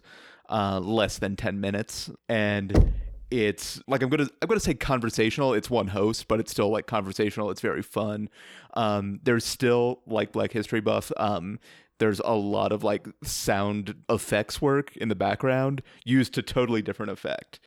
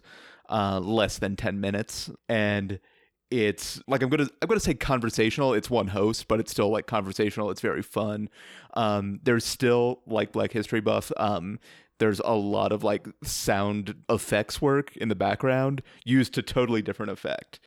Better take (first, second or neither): second